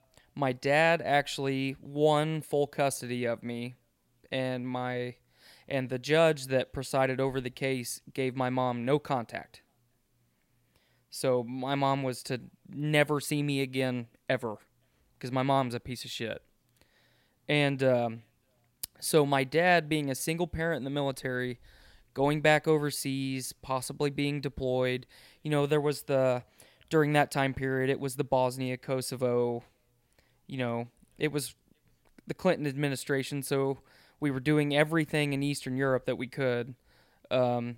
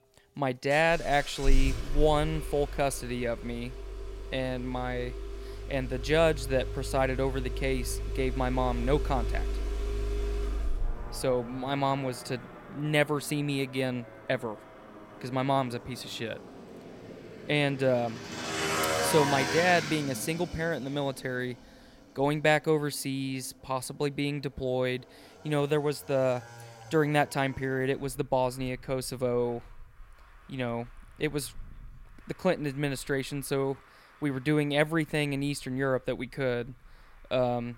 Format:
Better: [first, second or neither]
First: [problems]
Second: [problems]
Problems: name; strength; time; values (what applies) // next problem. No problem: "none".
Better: first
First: none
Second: traffic noise; loud; throughout; 7 dB below the speech